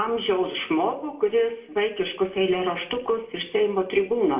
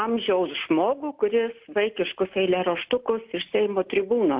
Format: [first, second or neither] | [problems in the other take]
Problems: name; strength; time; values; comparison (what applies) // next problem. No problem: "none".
second | room echo; dies away in 0.5 s